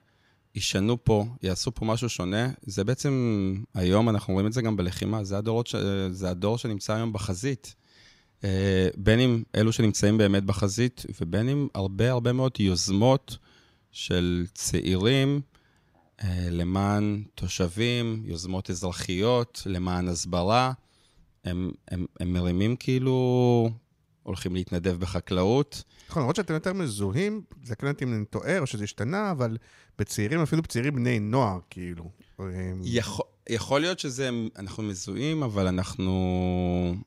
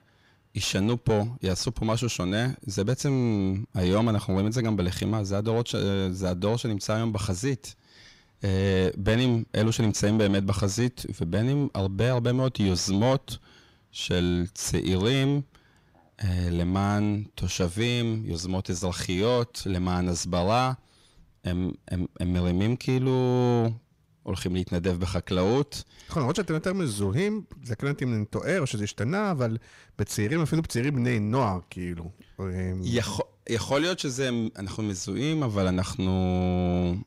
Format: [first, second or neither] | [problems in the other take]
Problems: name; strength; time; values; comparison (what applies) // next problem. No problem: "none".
first | distortion; slight; 10 dB below the speech